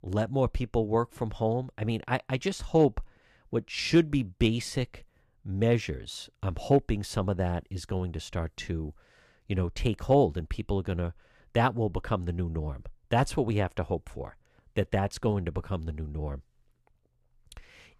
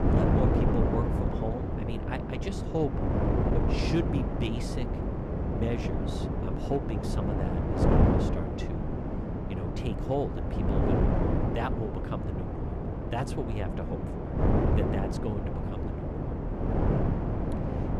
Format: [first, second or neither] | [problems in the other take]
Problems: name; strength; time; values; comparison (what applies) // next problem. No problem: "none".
first | wind noise on the microphone; heavy; 3 dB above the speech